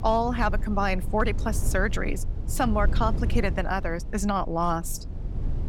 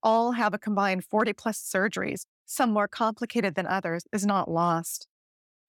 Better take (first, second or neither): second